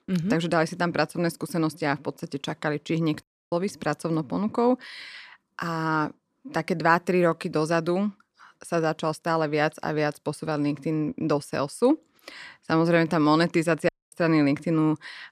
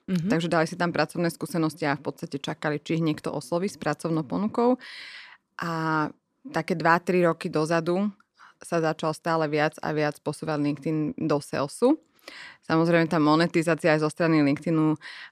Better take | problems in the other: second | audio cutting out; at 3 s and at 14 s

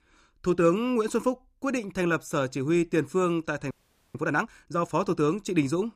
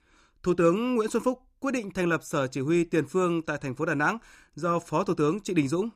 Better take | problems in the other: second | audio freezing; at 3.5 s

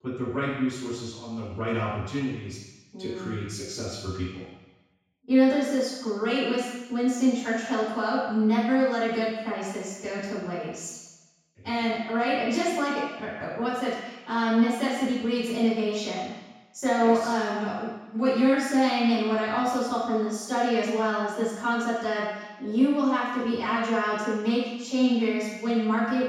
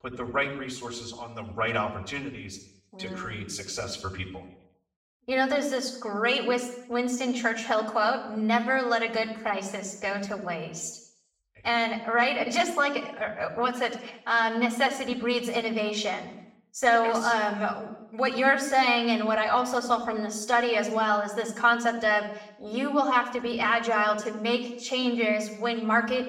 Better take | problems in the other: second | room echo; strong; dies away in 1.1 s; slight in the second // off-mic speech; far; far in the second

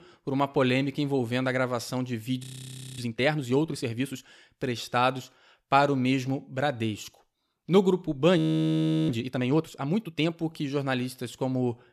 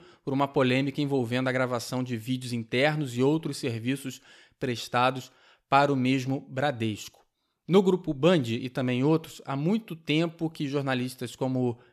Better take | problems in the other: second | audio freezing; at 2.5 s for 0.5 s and at 8.5 s for 0.5 s

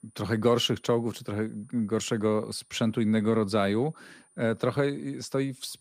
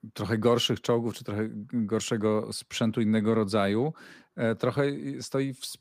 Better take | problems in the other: second | high-pitched whine; faint; throughout; 9.5 kHz, 35 dB below the speech

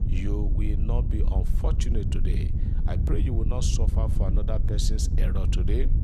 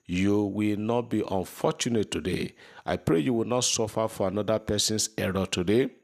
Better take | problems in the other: second | wind noise on the microphone; heavy; 5 dB below the speech

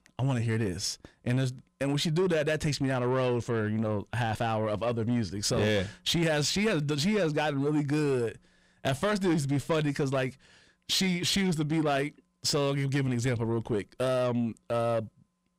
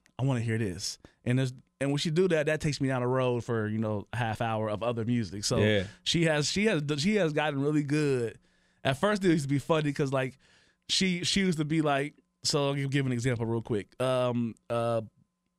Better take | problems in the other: second | distortion; slight; 10 dB below the speech

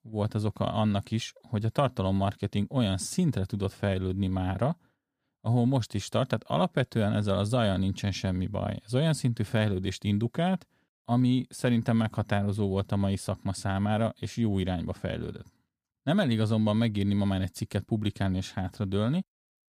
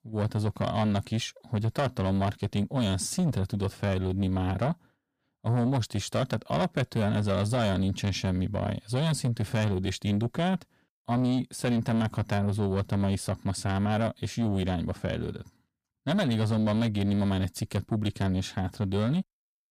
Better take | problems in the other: first | distortion; slight; 10 dB below the speech

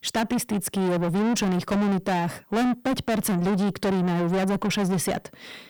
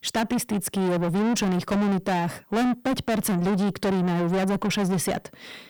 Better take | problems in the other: neither | distortion; heavy; 6 dB below the speech; the same in both

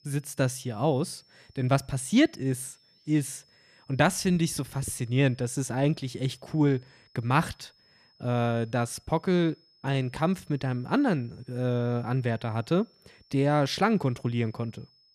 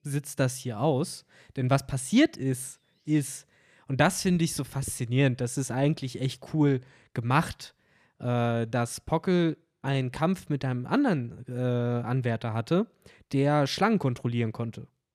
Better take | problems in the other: second | high-pitched whine; faint; throughout; 5 kHz, 30 dB below the speech

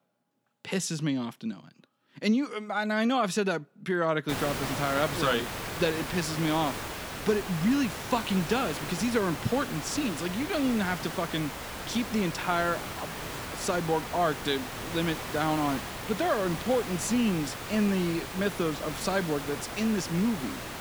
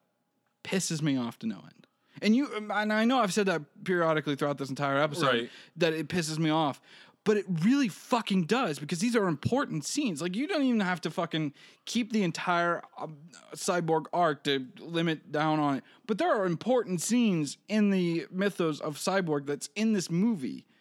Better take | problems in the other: second | hiss; loud; from 4.5 s on; 7 dB below the speech

